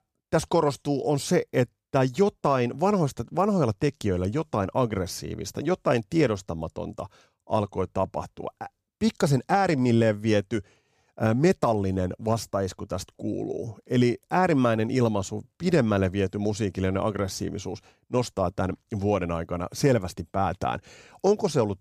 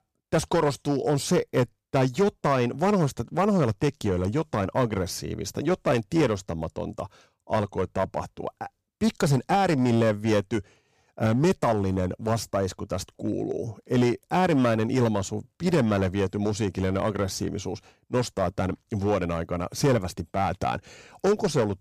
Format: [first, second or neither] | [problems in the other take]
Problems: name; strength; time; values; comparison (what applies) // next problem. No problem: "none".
first | distortion; slight; 5% of the sound clipped